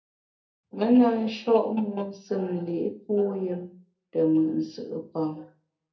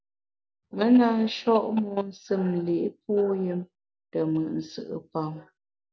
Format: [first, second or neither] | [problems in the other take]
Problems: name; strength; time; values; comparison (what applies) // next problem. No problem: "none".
second | room echo; dies away in 0.3 s